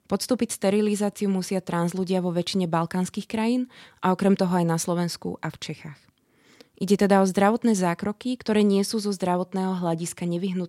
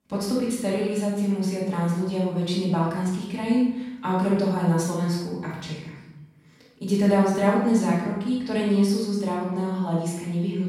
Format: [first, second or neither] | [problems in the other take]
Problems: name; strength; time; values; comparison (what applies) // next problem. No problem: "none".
first | off-mic speech; far // room echo; strong; dies away in 0.9 s